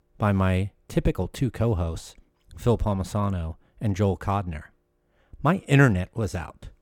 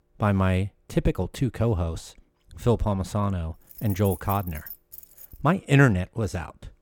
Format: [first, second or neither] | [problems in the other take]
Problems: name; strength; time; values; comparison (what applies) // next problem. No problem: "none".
first | jangling keys; faint; from 3.5 to 5.5 s; peak 10 dB below the speech